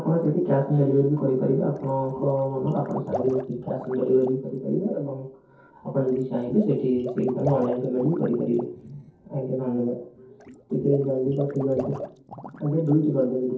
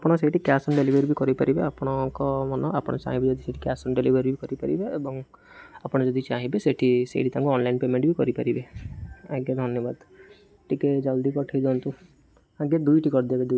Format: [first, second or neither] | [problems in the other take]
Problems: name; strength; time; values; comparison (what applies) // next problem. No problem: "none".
second | noise reduction (neural separator model SepFormer DNS4)